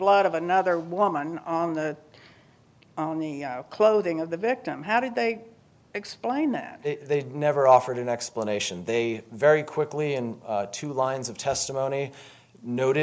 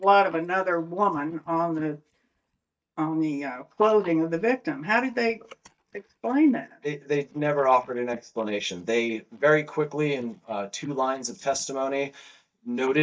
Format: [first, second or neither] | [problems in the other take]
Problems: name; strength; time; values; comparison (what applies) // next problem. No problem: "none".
first | noise reduction (neural mask model DeepFilterNet 3)